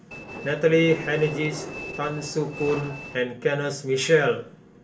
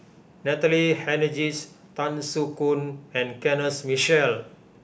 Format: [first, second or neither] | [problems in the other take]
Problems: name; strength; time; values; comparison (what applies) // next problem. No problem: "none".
second | background sound (Train); 11 dB below the speech // room echo; dies away in 0.1 s